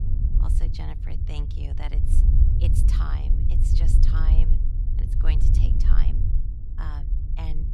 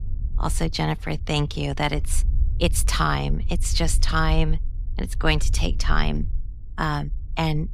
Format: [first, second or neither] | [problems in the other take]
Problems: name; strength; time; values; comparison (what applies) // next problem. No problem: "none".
second | low rumble; loud; throughout; as loud as the speech; faint in the second